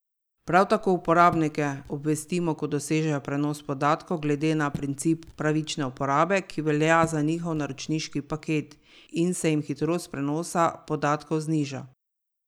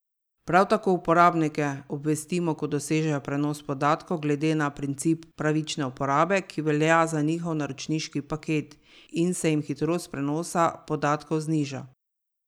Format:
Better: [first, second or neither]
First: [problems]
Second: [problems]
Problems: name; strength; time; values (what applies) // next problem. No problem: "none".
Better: second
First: background sound (Raindrop / Drip); 17 dB below the speech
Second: none